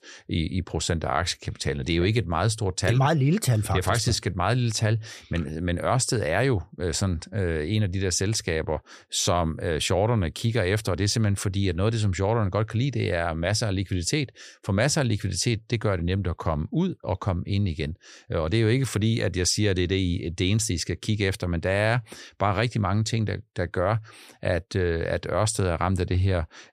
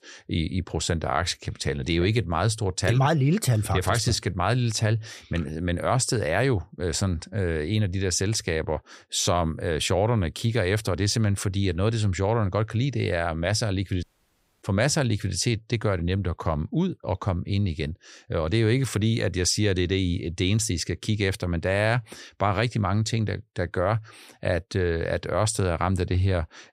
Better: first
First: none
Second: audio cutting out; at 14 s for 0.5 s

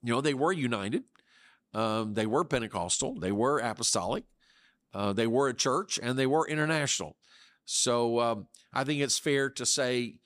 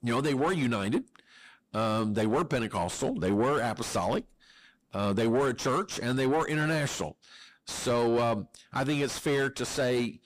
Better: first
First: none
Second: distortion; heavy; 6 dB below the speech

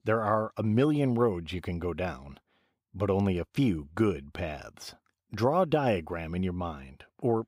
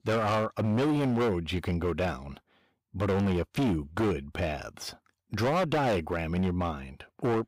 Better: first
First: none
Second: distortion; heavy; 16% of the sound clipped

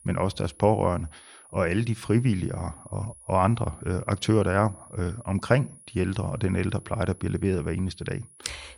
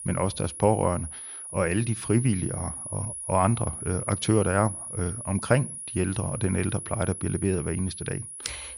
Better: first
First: high-pitched whine; faint; throughout; 10.5 kHz, 20 dB below the speech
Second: high-pitched whine; loud; throughout; 10.5 kHz, 8 dB below the speech

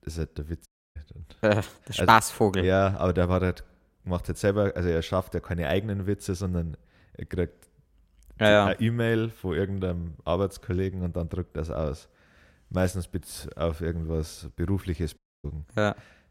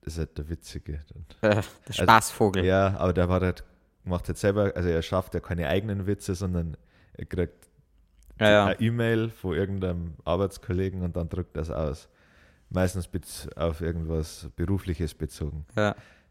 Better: second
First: audio cutting out; at 0.5 s and at 15 s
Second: none

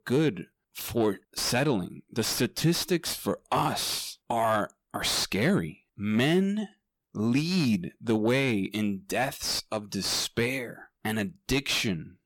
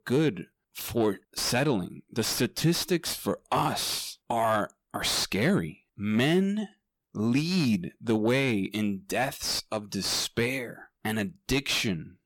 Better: neither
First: distortion; slight; 10 dB below the speech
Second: distortion; slight; 10 dB below the speech

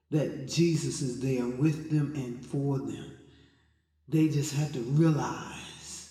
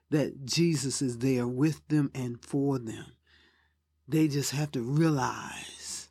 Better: second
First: room echo; slight; dies away in 1.1 s // off-mic speech; somewhat distant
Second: none

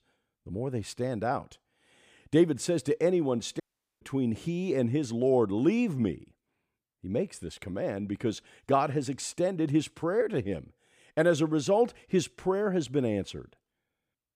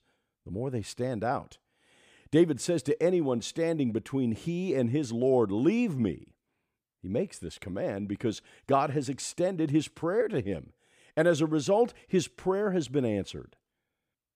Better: second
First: audio cutting out; at 3.5 s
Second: none

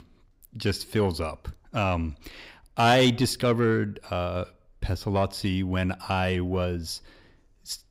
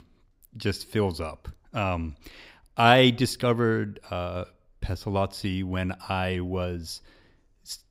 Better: second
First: distortion; slight; 10 dB below the speech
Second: none

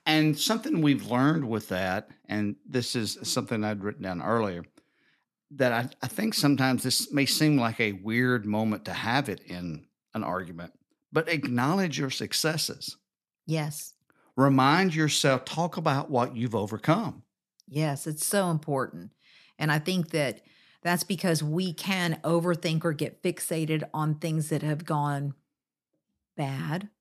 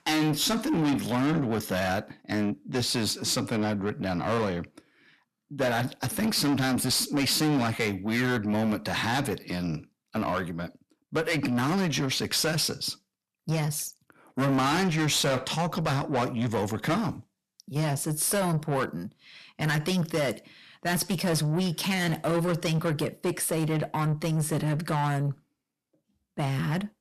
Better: first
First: none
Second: distortion; heavy; 6 dB below the speech

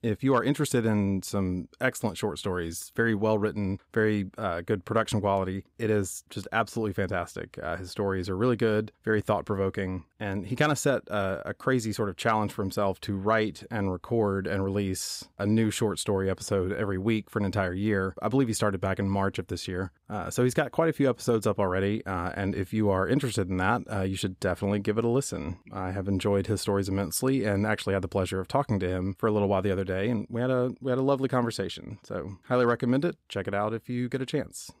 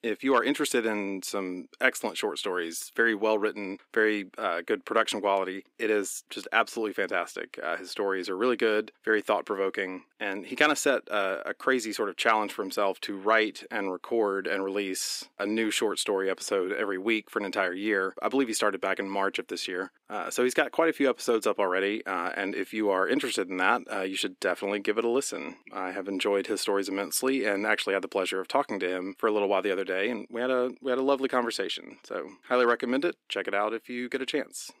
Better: first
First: none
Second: thin; somewhat; fading below 300 Hz

